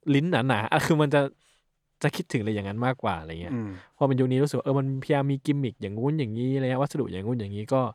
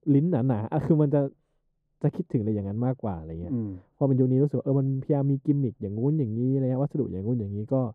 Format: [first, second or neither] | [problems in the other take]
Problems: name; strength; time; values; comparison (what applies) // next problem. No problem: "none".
first | muffled; very; fading above 1 kHz